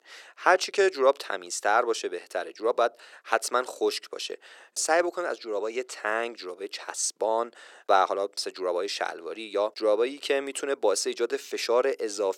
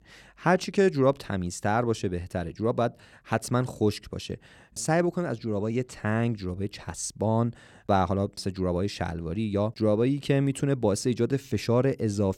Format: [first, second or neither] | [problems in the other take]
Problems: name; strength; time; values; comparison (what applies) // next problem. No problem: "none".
second | thin; very; fading below 400 Hz